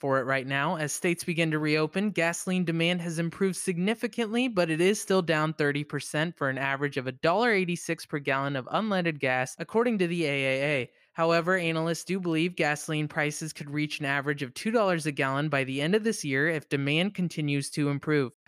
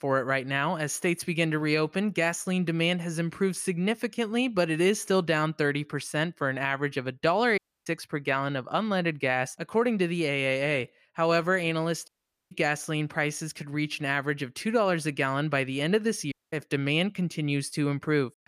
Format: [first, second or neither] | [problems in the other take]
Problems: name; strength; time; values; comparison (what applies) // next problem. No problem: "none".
first | audio cutting out; at 7.5 s, at 12 s and at 16 s